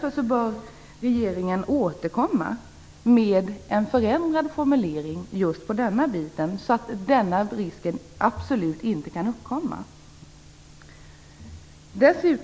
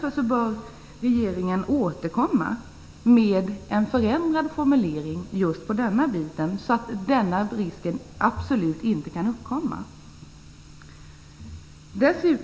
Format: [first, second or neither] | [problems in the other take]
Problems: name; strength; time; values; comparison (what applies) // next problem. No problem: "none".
first | room echo; dies away in 2.1 s